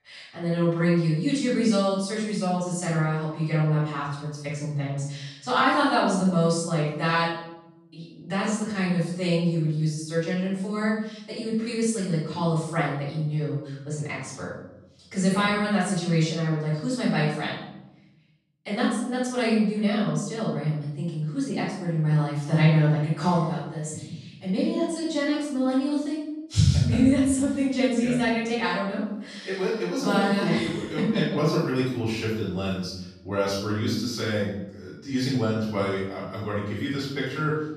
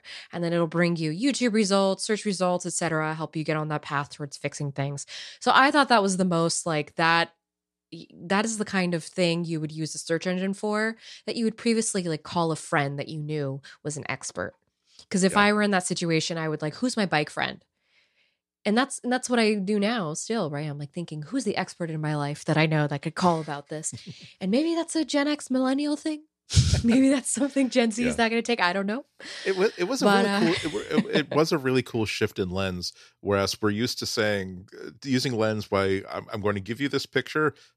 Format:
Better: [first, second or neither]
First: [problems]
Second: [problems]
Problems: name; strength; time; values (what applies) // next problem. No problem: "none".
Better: second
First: off-mic speech; far // room echo; noticeable; dies away in 0.9 s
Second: none